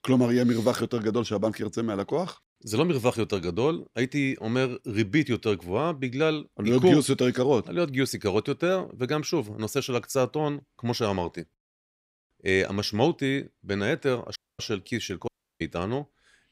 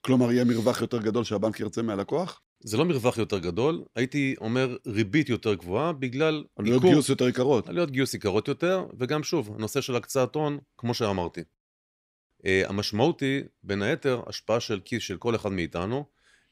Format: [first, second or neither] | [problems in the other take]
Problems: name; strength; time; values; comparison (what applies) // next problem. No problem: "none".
second | audio cutting out; at 14 s and at 15 s